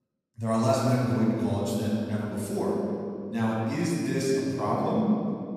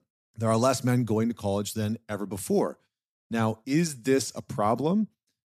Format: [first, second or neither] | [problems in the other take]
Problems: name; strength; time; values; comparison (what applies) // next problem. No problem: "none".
second | room echo; strong; dies away in 2.3 s // off-mic speech; far